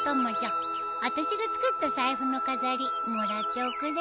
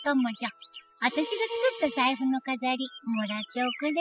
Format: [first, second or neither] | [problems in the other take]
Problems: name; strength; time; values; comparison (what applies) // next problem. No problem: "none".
first | noise reduction (classical method spectral subtraction)